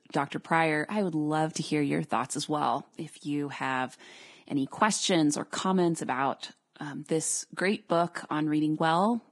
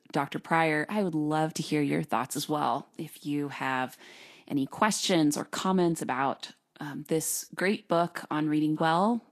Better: second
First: garbled, watery; badly; nothing above 10.5 kHz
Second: garbled, watery; slightly; nothing above 12.5 kHz

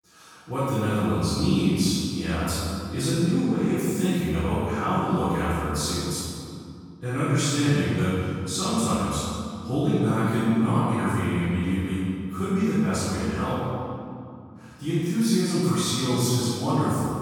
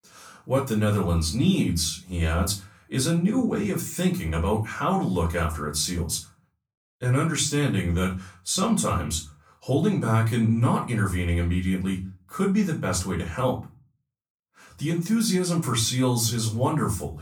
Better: second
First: room echo; strong; dies away in 2.3 s // off-mic speech; far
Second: room echo; slight; dies away in 0.3 s // off-mic speech; far

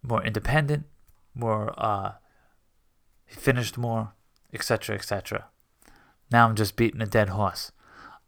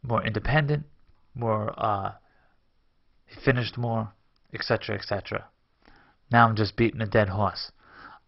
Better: first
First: none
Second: garbled, watery; badly; nothing above 5.5 kHz

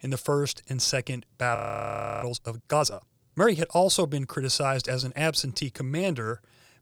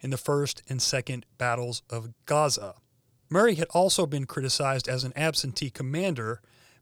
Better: second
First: audio freezing; at 1.5 s for 0.5 s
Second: none

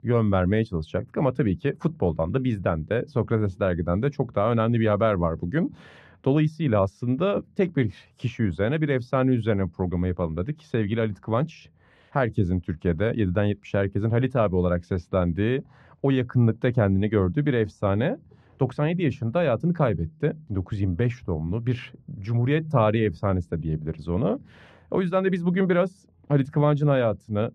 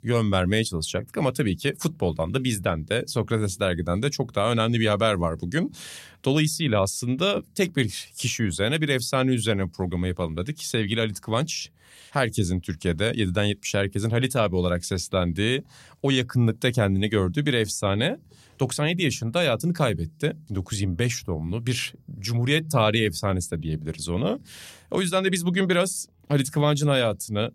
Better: second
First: muffled; very; fading above 4 kHz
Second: none

